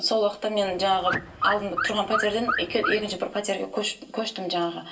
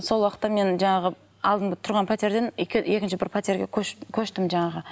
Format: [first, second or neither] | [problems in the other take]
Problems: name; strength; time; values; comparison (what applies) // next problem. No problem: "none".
second | background sound (Alarm / Car); 3 dB below the speech // room echo; dies away in 0.2 s